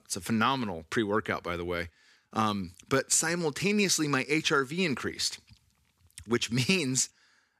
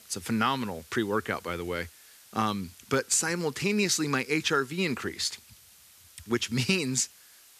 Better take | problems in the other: first | hiss; faint; throughout; 25 dB below the speech

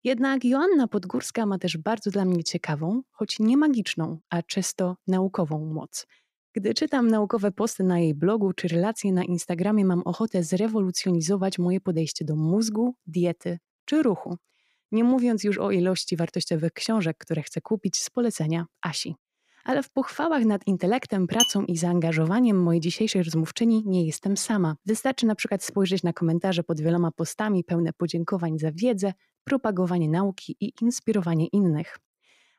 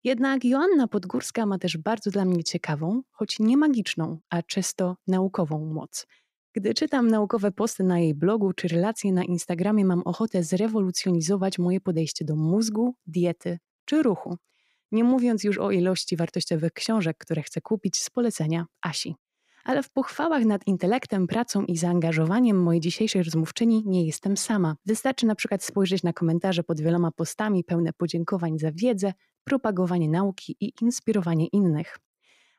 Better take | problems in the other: second | clattering dishes; loud; at 21 s; peak 2 dB above the speech

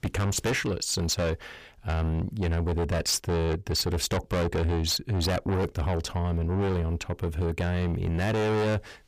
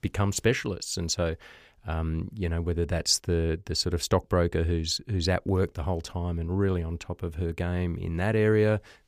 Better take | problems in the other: second | distortion; heavy; 6 dB below the speech

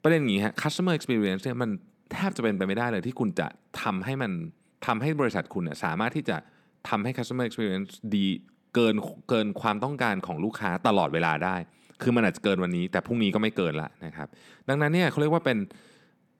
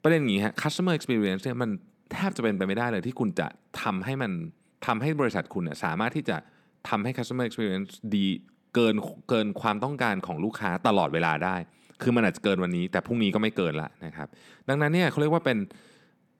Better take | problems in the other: neither | none

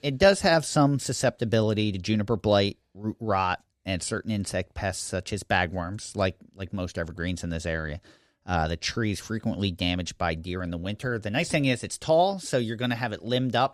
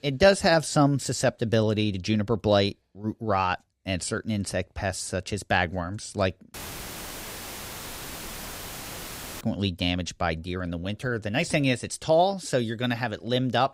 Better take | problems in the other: first | audio cutting out; filled with static; at 6.5 s for 3 s

